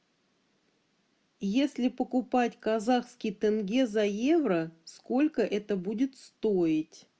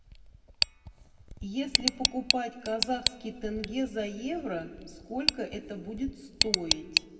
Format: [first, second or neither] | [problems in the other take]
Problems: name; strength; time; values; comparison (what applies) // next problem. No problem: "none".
first | background sound (Tick); 2 dB above the speech // room echo; dies away in 1.6 s